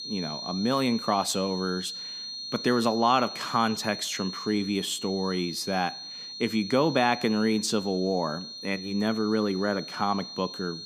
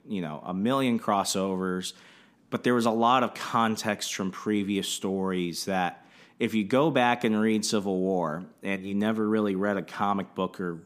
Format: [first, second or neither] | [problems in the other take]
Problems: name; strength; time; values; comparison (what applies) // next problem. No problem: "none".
second | high-pitched whine; loud; throughout; 4 kHz, 9 dB below the speech